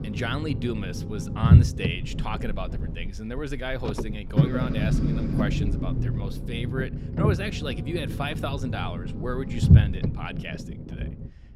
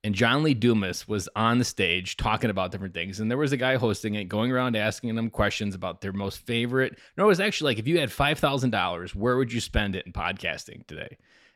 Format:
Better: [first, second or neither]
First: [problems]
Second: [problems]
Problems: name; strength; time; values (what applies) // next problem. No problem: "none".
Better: second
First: low rumble; loud; throughout; 2 dB below the speech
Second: none